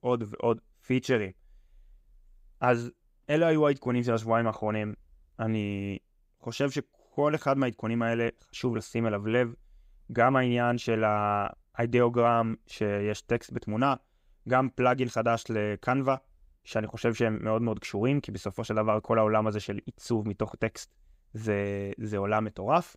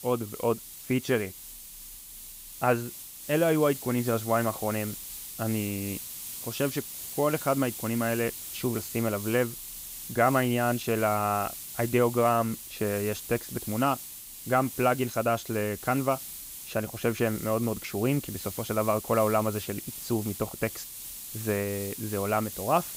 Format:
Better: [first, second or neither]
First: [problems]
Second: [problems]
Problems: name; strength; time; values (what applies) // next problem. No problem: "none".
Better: first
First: none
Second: hiss; loud; throughout; 9 dB below the speech